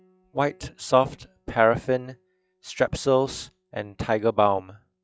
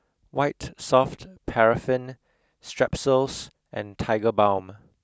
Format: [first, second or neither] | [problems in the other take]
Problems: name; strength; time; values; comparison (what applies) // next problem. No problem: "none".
second | noise reduction (classical method log-MMSE)